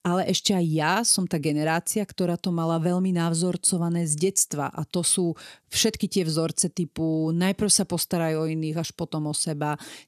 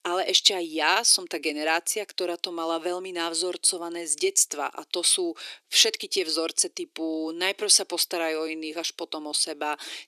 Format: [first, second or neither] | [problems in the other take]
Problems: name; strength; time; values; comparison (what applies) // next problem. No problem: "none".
first | thin; very; fading below 350 Hz